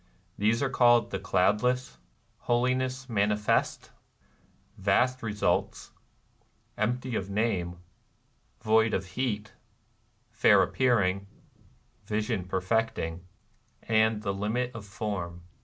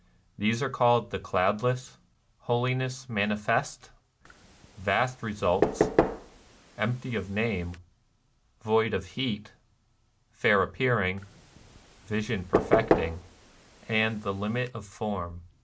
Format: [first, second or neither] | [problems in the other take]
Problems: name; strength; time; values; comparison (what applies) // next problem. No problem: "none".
first | background sound (Knock / Wood); 2 dB below the speech